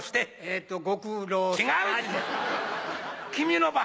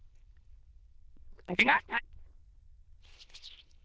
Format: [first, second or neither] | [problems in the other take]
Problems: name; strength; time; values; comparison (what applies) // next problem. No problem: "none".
first | noise reduction (neural diffusion model UNIVERSE++)